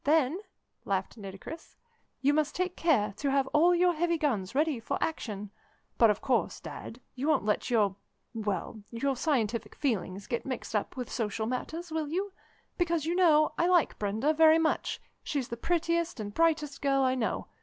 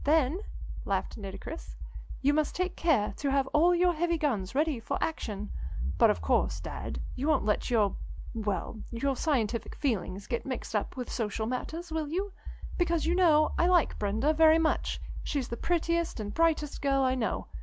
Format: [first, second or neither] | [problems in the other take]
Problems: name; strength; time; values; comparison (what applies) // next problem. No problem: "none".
first | background sound (Accelerating, revving, vroom); 6 dB below the speech